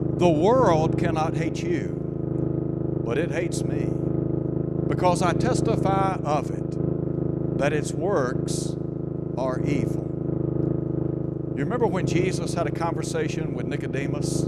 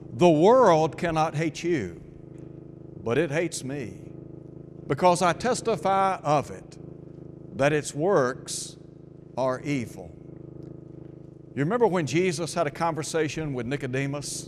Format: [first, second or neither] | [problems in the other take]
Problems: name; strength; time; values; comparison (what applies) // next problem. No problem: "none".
second | low rumble; loud; throughout; 5 dB below the speech; faint in the second